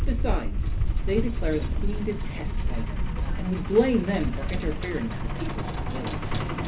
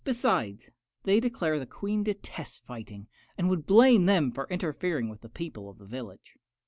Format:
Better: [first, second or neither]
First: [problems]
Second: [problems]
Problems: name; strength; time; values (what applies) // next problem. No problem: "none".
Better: second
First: background sound (Truck); 3 dB above the speech // room echo; dies away in 0.3 s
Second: none